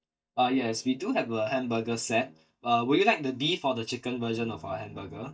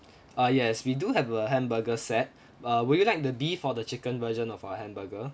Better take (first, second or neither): second